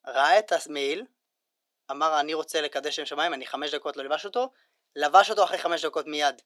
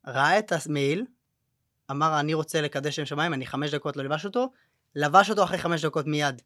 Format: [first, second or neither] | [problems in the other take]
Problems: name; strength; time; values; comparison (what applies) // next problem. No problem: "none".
second | thin; somewhat; fading below 350 Hz